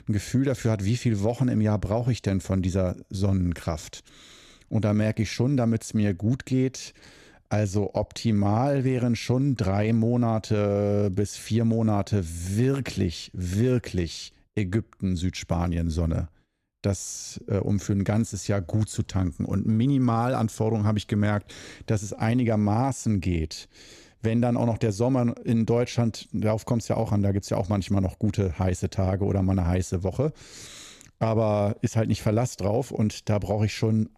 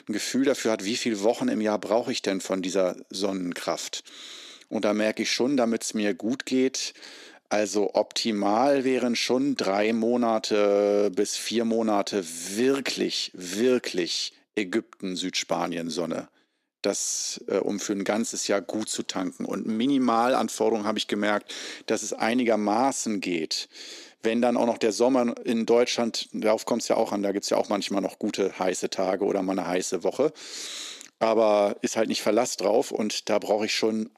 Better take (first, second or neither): first